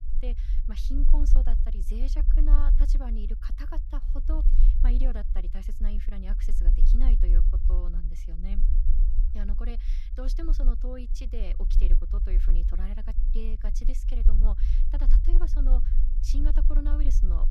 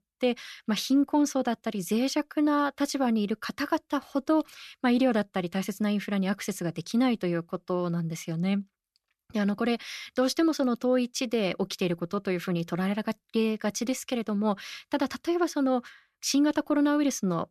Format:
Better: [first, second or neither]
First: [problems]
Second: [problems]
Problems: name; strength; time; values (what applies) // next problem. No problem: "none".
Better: second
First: low rumble; loud; throughout; 6 dB below the speech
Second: none